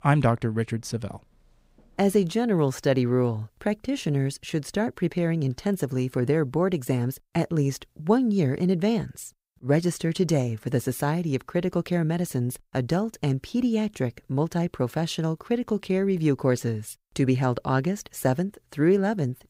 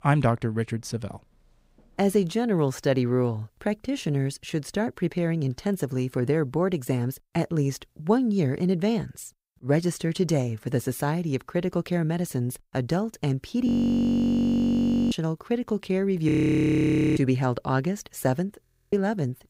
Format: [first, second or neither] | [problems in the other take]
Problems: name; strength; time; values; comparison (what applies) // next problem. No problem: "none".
first | audio freezing; at 14 s for 1.5 s, at 16 s for 1 s and at 19 s